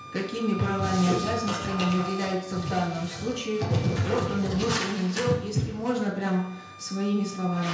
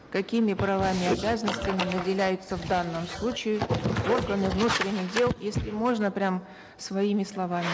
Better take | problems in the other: second | background sound (Wind instrument, woodwind instrument); 14 dB below the speech // room echo; dies away in 0.5 s

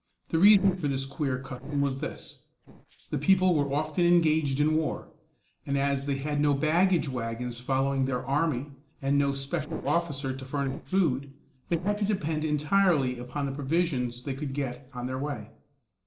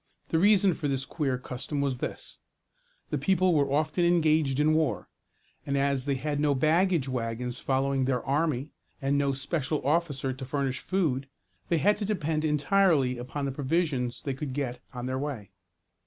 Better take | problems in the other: second | noise reduction (neural separator model SepFormer DNS4)

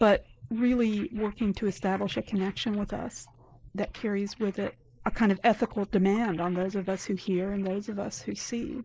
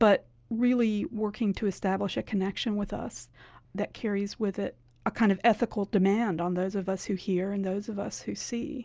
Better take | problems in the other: second | noise reduction (neural mask model Resemble Enhance denoiser)

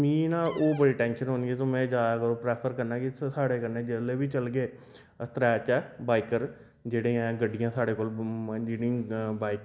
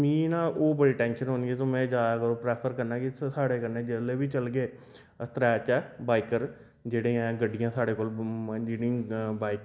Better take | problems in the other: second | background sound (Cupboard open or close); 17 dB below the speech

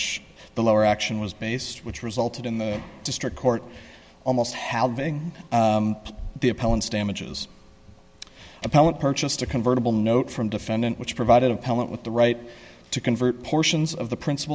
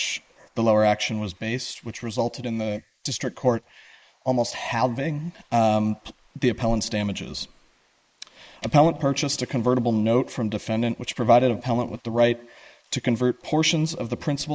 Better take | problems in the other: first | noise reduction (neural mask model Resemble Enhance denoiser)

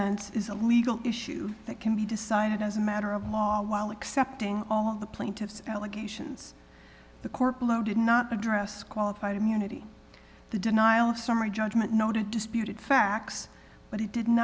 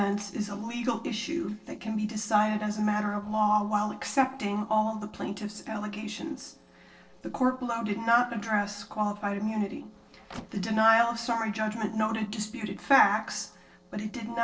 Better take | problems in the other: first | noise reduction (neural separator model SepFormer DNS4)

